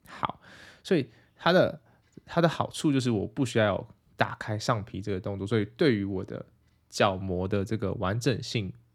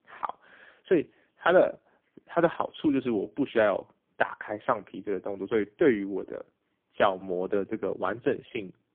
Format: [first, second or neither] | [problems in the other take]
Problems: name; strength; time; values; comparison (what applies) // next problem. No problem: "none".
first | phone-call audio; poor line; nothing above 3.5 kHz